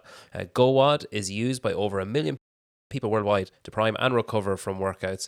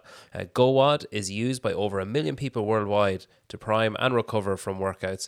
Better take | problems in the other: second | audio freezing; at 2.5 s for 0.5 s

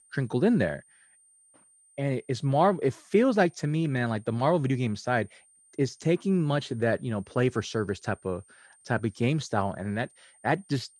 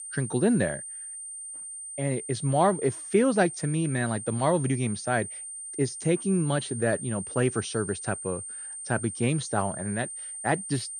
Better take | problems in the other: first | high-pitched whine; loud; throughout; 9 kHz, 8 dB below the speech; faint in the first

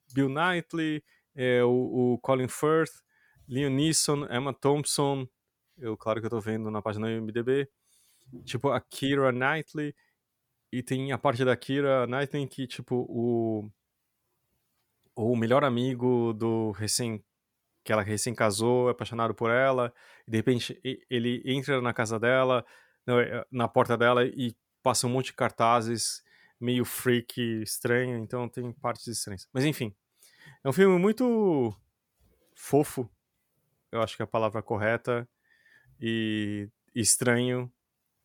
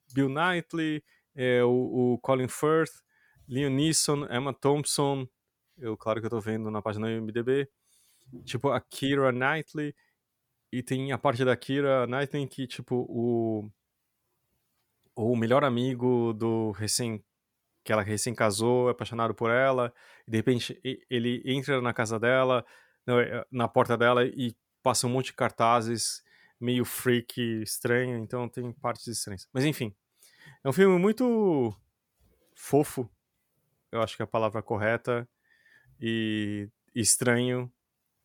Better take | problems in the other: neither | none

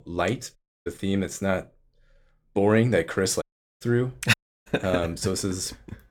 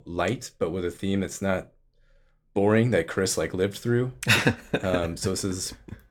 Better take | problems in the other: second | audio cutting out; at 0.5 s, at 3.5 s and at 4.5 s

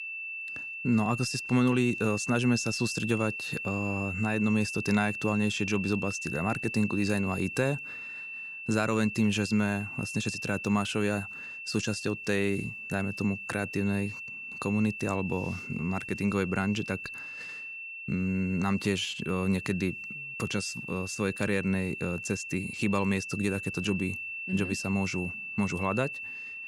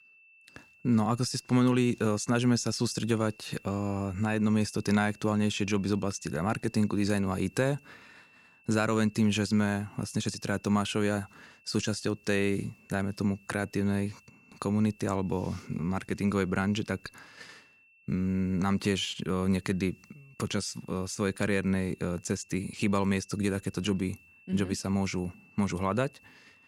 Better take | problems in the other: second | high-pitched whine; loud; throughout; 2.5 kHz, 6 dB below the speech; faint in the second

